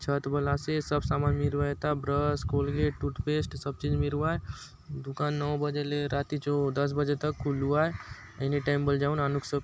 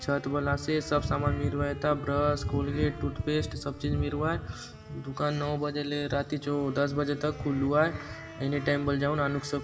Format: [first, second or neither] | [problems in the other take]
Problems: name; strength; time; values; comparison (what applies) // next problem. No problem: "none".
first | background sound (Wind instrument, woodwind instrument); 19 dB below the speech // room echo; dies away in 2.4 s